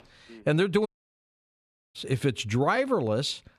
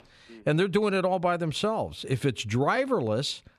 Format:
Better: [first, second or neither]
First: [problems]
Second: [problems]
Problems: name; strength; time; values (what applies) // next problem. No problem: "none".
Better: second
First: audio cutting out; at 1 s for 1 s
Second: none